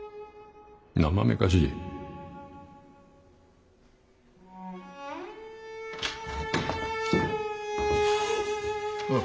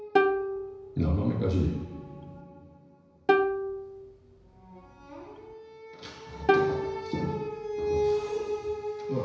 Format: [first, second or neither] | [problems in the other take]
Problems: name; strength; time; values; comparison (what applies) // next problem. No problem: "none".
first | background sound (Plucked string instrument); 2 dB above the speech // room echo; dies away in 1 s